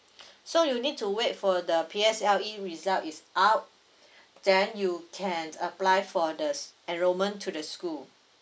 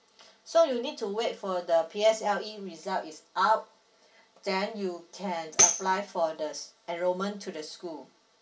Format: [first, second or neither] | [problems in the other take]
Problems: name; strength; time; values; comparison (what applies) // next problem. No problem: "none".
first | background sound (Tambourine); 1 dB above the speech // room echo; dies away in 0.2 s